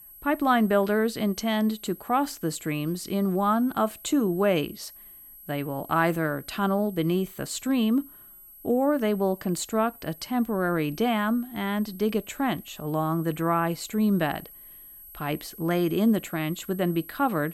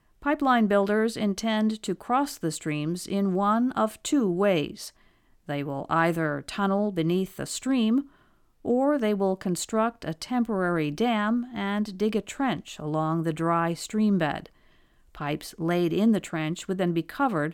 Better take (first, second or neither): second